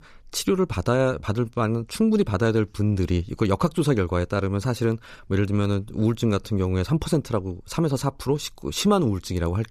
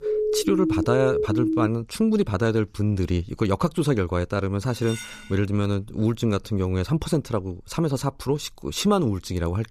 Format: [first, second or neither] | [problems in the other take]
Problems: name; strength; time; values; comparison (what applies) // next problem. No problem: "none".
first | siren; loud; until 1.5 s; peak 1 dB above the speech // clattering dishes; faint; at 4.5 s; peak 10 dB below the speech